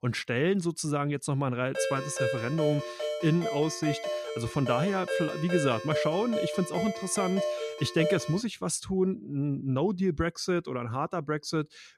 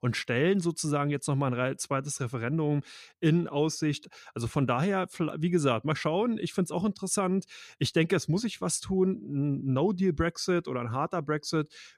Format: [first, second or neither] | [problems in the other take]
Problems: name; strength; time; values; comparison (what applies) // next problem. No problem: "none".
second | phone ringing; noticeable; from 1.5 to 8.5 s; peak 1 dB below the speech